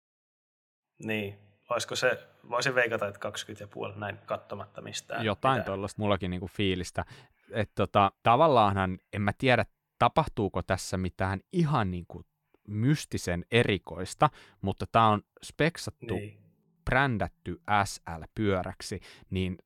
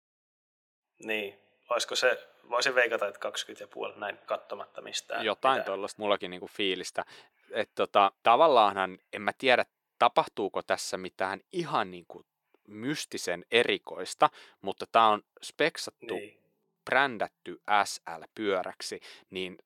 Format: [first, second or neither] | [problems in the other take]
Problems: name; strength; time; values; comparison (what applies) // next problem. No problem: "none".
first | thin; somewhat; fading below 400 Hz